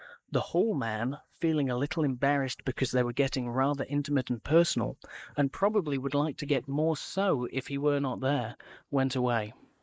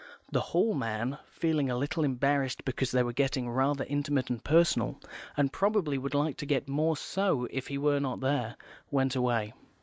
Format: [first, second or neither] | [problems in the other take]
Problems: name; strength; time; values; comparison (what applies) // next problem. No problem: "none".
second | noise reduction (neural mask model Resemble Enhance denoiser)